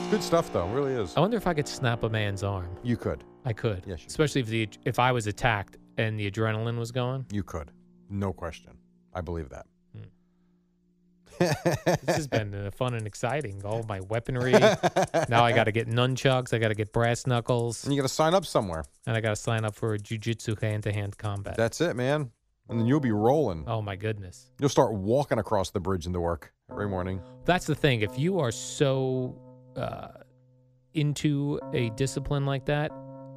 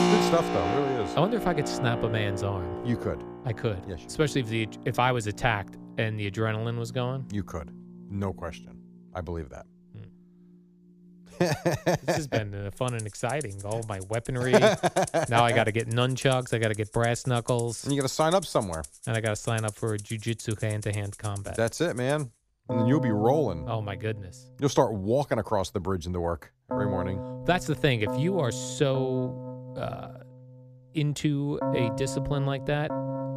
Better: first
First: background music; faint; throughout; 20 dB below the speech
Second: background music; loud; throughout; 8 dB below the speech

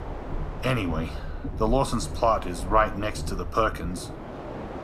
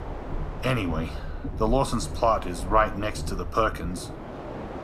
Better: neither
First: train or aircraft noise; loud; throughout; 9 dB below the speech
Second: train or aircraft noise; loud; throughout; 9 dB below the speech

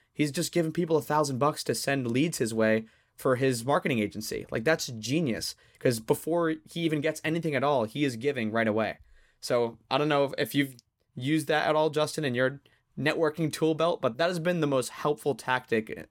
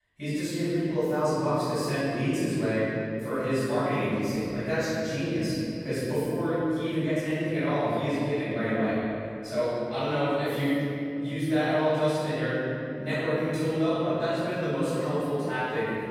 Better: first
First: none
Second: room echo; strong; dies away in 3 s // off-mic speech; far

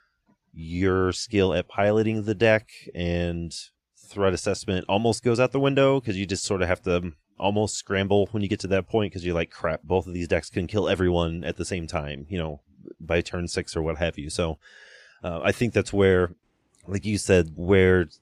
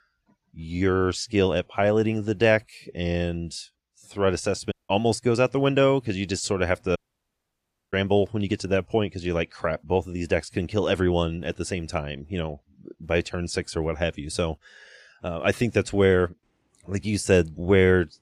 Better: first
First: none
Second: audio cutting out; at 4.5 s and at 7 s for 1 s

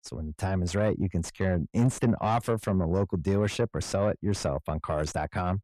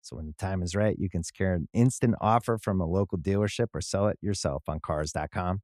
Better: second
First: distortion; slight; 10 dB below the speech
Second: none

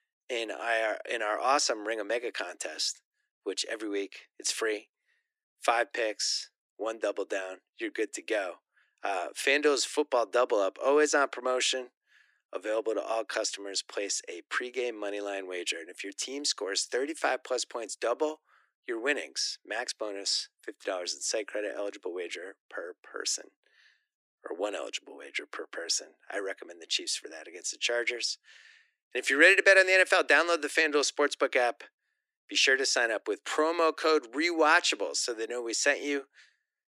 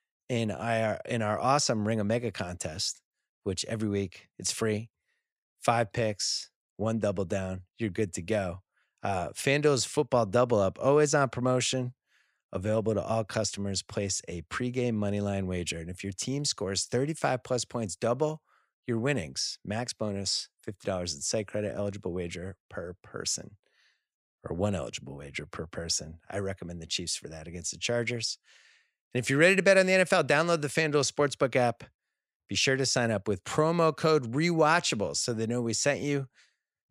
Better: second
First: thin; somewhat; fading below 300 Hz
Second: none

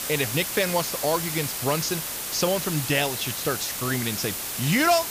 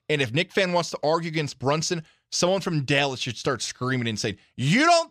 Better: second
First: hiss; loud; throughout; 2 dB below the speech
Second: none

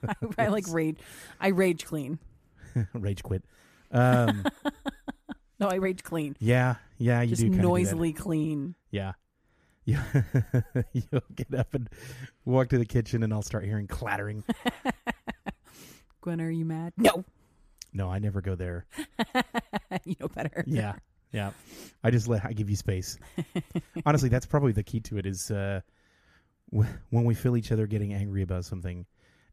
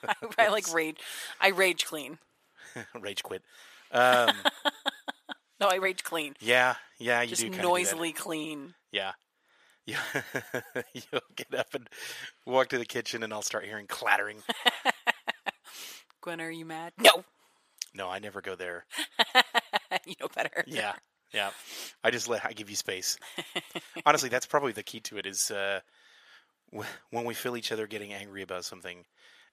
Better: first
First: none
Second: thin; very; fading below 650 Hz

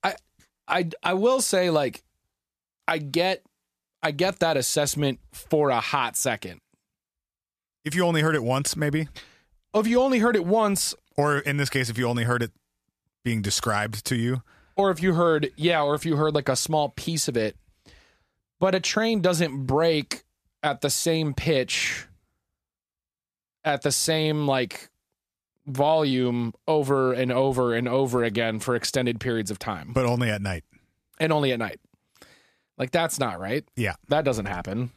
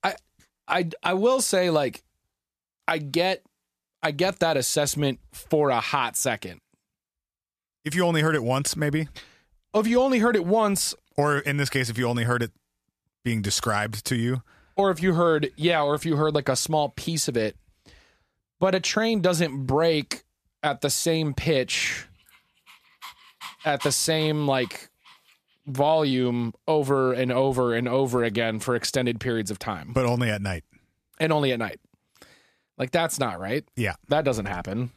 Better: first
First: none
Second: dog barking; faint; from 23 to 25 s; peak 10 dB below the speech

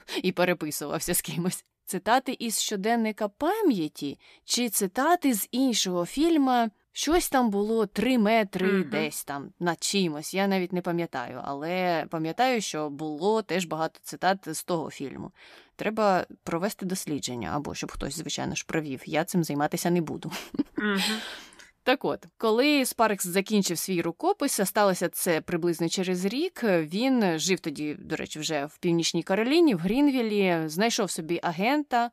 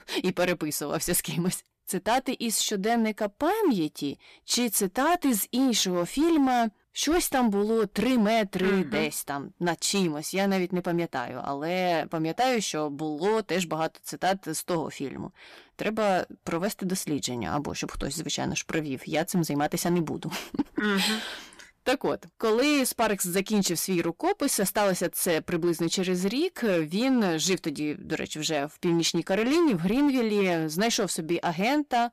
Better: first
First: none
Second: distortion; slight; 7% of the sound clipped

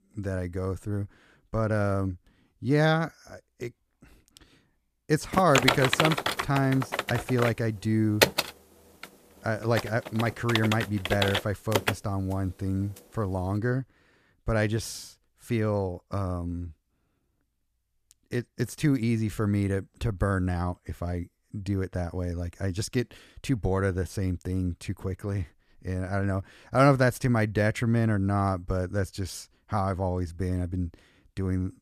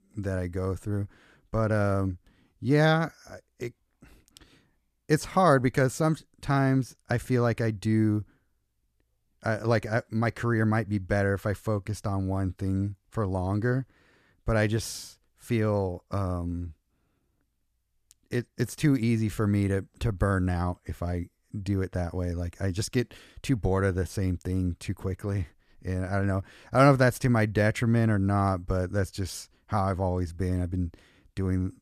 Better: second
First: keyboard typing; loud; from 5.5 to 12 s; peak 6 dB above the speech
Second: none

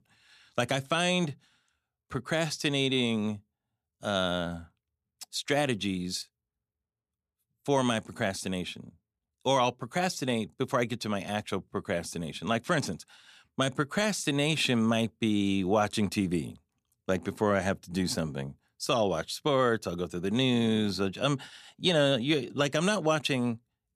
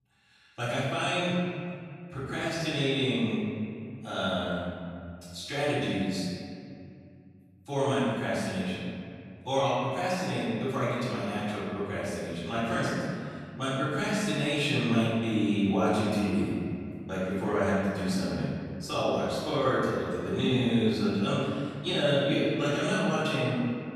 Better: first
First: none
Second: off-mic speech; far // room echo; strong; dies away in 2.3 s

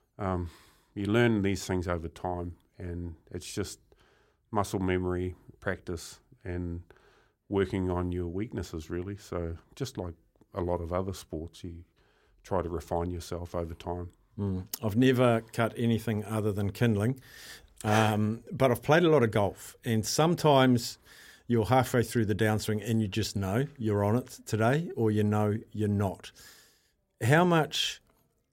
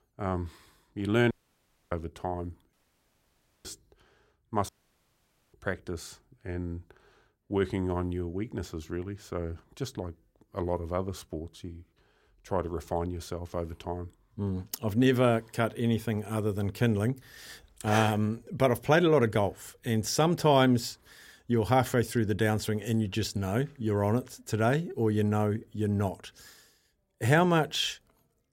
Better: first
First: none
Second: audio cutting out; at 1.5 s for 0.5 s, at 2.5 s for 1 s and at 4.5 s for 1 s

